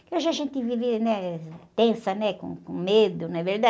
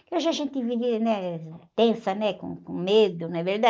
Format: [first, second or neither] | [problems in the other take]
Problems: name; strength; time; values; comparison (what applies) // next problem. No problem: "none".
first | noise reduction (neural mask model Resemble Enhance denoiser)